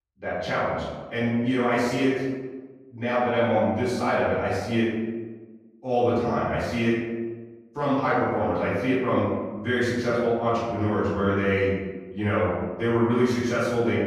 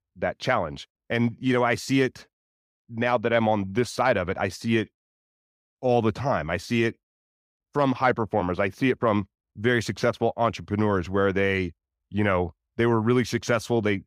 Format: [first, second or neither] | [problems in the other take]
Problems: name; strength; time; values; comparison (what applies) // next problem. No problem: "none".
second | off-mic speech; far // room echo; strong; dies away in 1.2 s